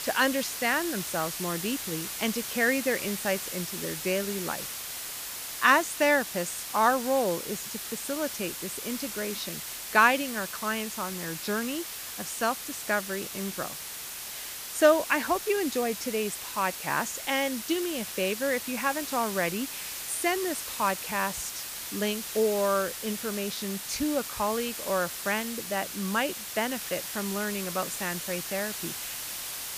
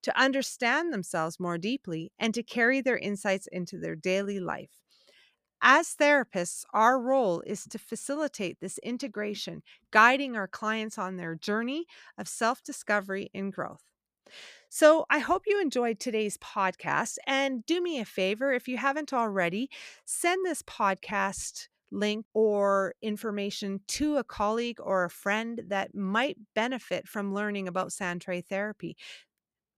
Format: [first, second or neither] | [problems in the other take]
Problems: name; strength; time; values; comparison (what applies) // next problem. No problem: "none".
second | hiss; loud; throughout; 5 dB below the speech